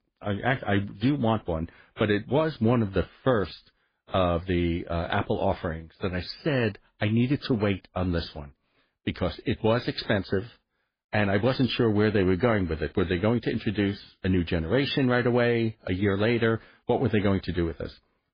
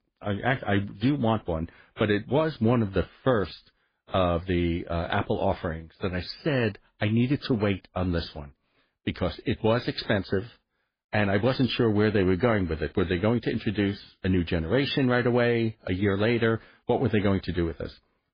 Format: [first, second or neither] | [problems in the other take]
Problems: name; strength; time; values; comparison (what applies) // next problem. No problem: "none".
neither | garbled, watery; badly; the same in both